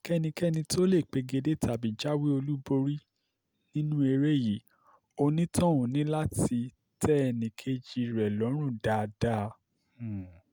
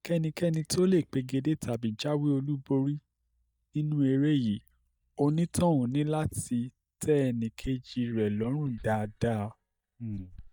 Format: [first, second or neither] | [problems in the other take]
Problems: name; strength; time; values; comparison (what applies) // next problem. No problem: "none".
first | noise reduction (neural mask model DeepFilterNet 3)